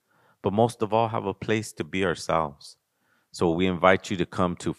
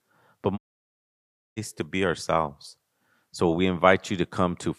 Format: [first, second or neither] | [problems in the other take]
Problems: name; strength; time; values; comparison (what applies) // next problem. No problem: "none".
first | audio cutting out; at 0.5 s for 1 s